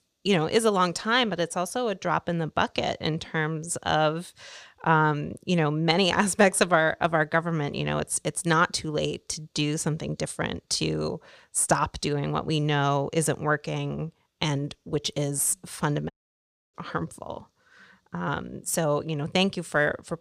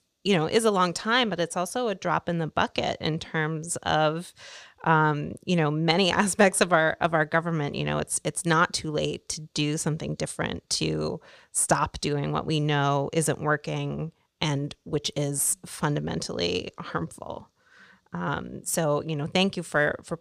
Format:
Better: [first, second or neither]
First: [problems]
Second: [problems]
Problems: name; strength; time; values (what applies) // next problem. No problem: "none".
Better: second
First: audio cutting out; at 16 s for 0.5 s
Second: none